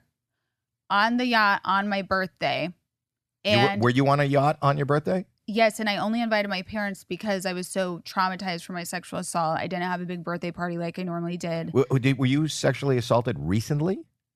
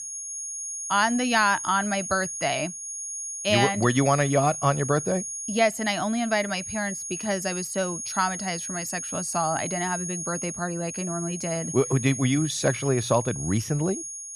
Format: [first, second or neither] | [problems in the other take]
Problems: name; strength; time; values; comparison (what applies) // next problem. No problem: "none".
first | high-pitched whine; loud; throughout; 6.5 kHz, 6 dB below the speech